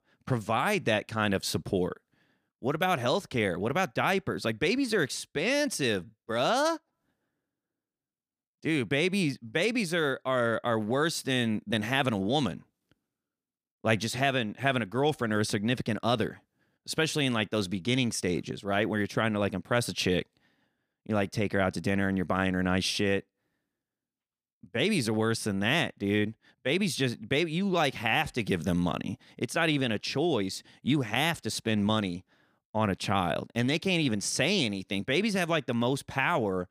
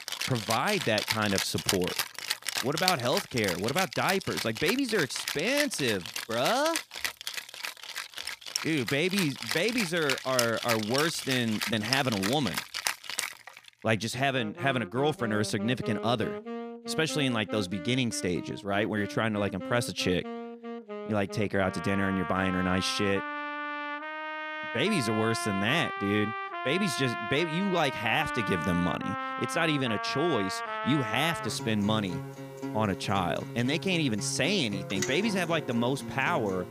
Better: first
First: none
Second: background music; loud; throughout; 5 dB below the speech

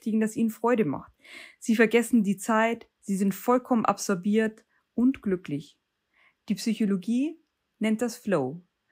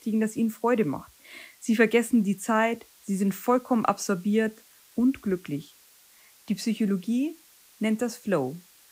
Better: first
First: none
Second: hiss; faint; throughout; 25 dB below the speech

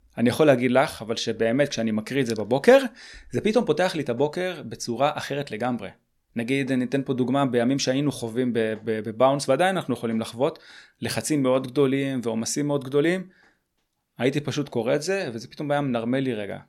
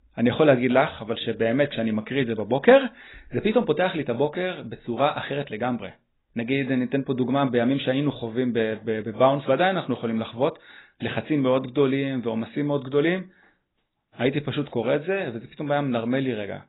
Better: first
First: none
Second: garbled, watery; badly; nothing above 4 kHz

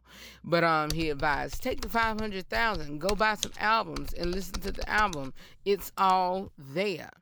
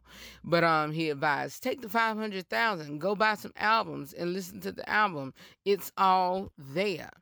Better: second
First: keyboard typing; noticeable; from 1 to 6 s; peak 7 dB below the speech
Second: none

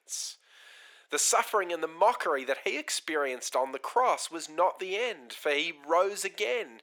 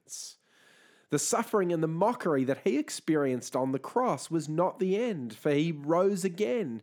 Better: second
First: thin; very; fading below 550 Hz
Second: none

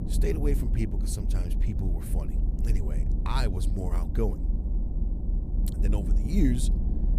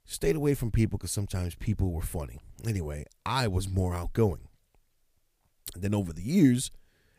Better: second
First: low rumble; loud; throughout; 7 dB below the speech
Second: none

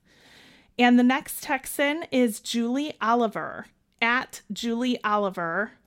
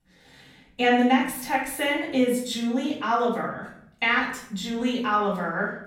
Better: first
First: none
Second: off-mic speech; far // room echo; noticeable; dies away in 0.6 s

